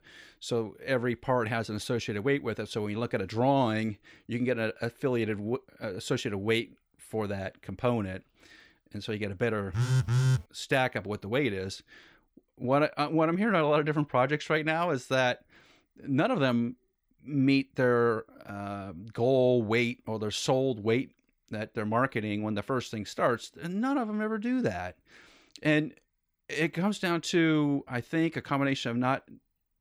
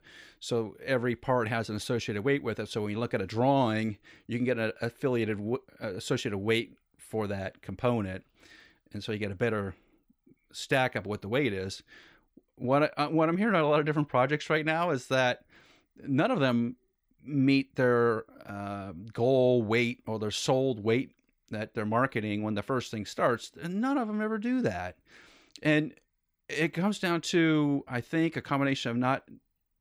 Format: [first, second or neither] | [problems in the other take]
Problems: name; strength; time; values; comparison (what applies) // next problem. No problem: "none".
second | phone ringing; loud; at 9.5 s; peak 4 dB above the speech